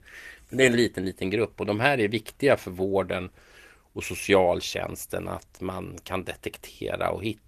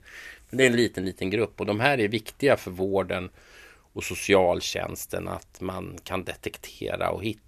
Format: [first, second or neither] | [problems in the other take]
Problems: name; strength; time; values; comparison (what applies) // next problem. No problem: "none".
second | garbled, watery; slightly; nothing above 14 kHz